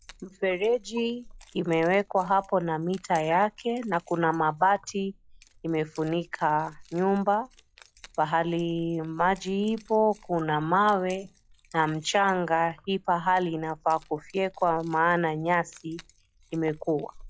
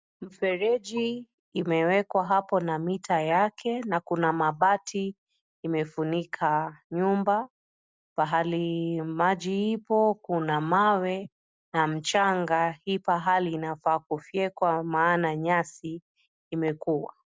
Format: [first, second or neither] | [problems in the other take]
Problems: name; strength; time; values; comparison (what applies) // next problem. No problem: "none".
second | noise reduction (classical method log-MMSE)